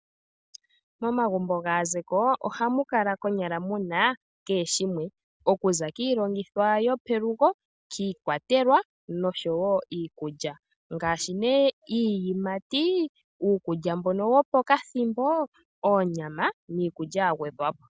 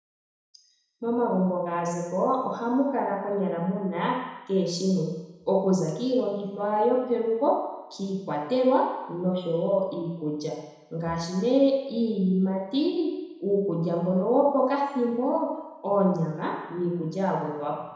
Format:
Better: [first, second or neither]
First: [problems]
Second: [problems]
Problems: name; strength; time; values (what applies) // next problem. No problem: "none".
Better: first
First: none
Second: room echo; dies away in 1 s